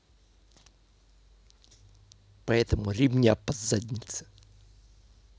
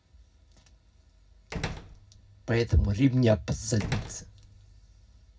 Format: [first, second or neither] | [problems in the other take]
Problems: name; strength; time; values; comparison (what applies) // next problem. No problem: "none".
first | background sound (Slam); 12 dB below the speech // room echo; dies away in 0.4 s